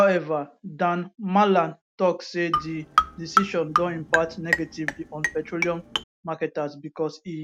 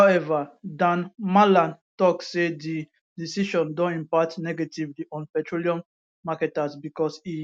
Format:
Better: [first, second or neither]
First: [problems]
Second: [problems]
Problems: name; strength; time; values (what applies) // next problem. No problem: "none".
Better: second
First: background sound (Marimba, xylophone); 1 dB below the speech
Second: none